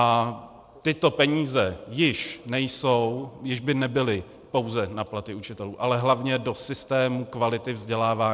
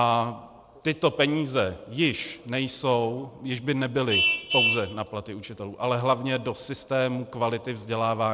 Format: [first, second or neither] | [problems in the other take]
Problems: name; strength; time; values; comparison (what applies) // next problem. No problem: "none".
first | background sound (Vehicle horn, car horn, honking); 7 dB below the speech